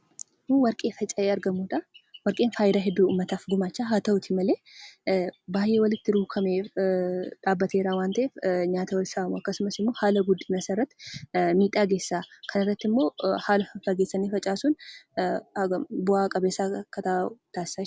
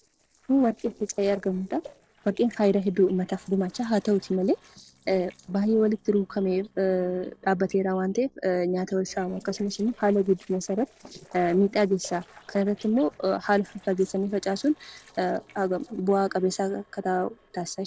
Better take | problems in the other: first | noise reduction (neural separator model SepFormer DNS4)

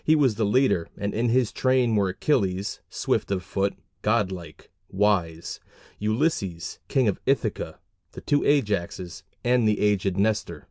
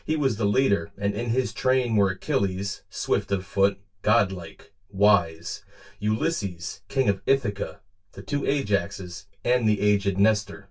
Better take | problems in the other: first | room echo; dies away in 0.1 s

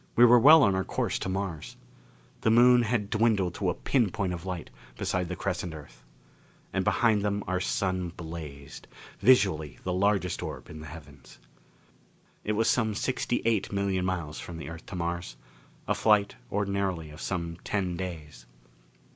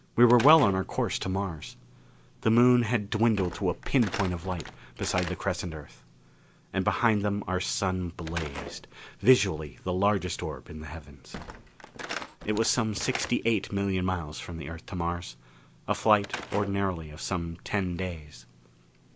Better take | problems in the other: first | background sound (Slam / Wood); 16 dB below the speech

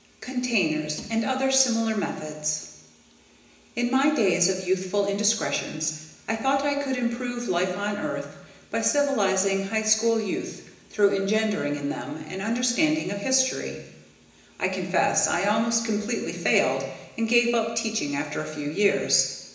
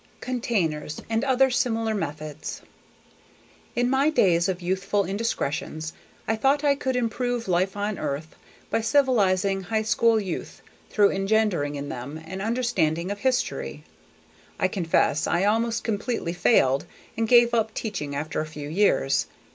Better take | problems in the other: second | room echo; dies away in 1 s

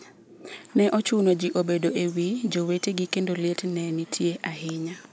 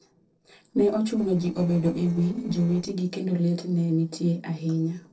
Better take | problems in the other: first | noise reduction (neural separator model SepFormer DNS4)

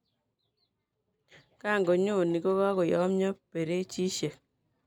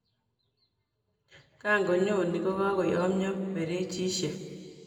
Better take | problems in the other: first | room echo; dies away in 2.2 s

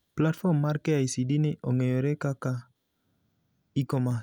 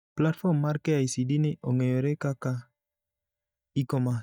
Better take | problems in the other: first | noise reduction (neural mask model DeepFilterNet 3)

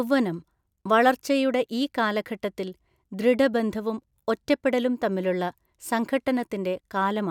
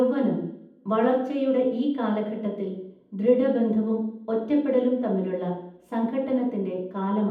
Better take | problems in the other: first | room echo; dies away in 0.8 s

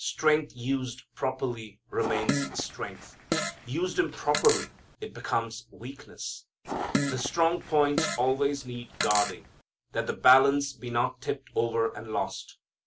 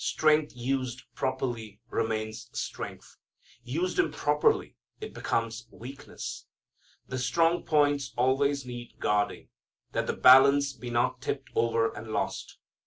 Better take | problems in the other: second | background sound (Fart); 4 dB below the speech

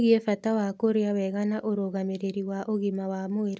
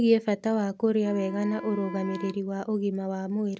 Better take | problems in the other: first | background sound (Wind instrument, woodwind instrument); 15 dB below the speech

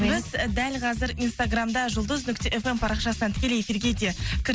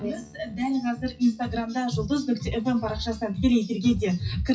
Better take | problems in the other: first | noise reduction (classical method WPE with log-MMSE)

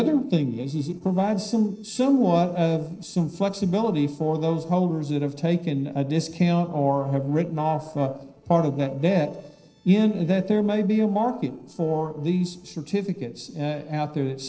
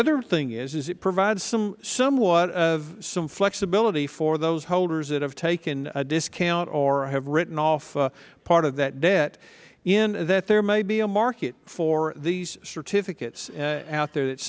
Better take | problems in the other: second | noise reduction (neural separator model SepFormer DNS4)

